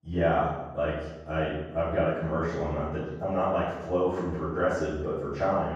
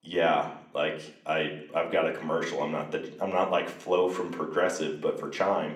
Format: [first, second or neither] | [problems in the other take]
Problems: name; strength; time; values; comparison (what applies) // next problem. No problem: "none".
second | room echo; strong; dies away in 1.3 s; slight in the second // off-mic speech; far; somewhat distant in the second